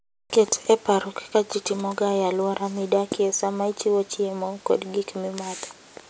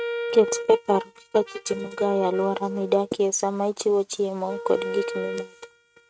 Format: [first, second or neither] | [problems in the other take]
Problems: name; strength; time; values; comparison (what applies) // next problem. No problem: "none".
first | noise reduction (neural mask model RNNoise)